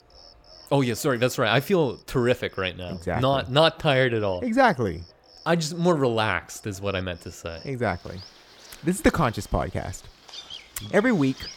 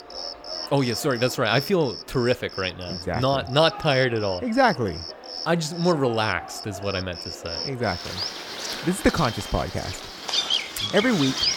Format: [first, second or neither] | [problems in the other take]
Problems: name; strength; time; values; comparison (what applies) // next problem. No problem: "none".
first | animal sounds; loud; throughout; 7 dB below the speech; faint in the first